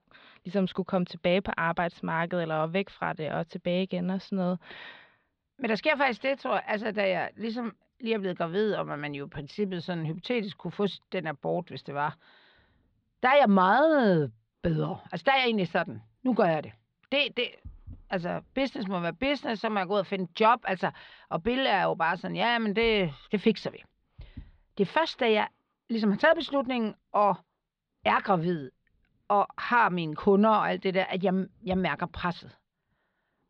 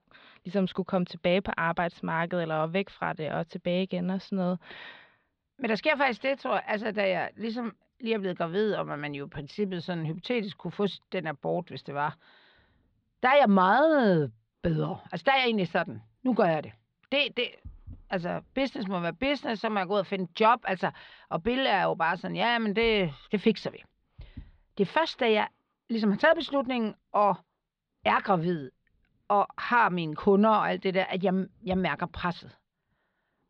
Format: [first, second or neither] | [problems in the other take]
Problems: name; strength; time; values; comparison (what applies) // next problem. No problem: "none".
neither | muffled; slightly; fading above 4 kHz; the same in both